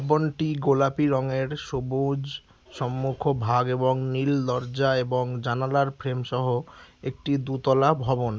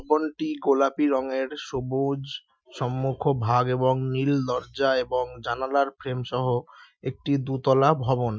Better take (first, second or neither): first